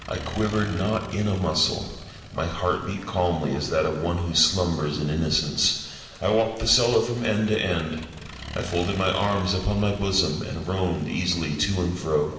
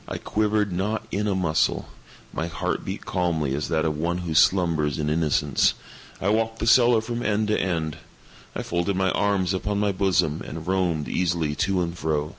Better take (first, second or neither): second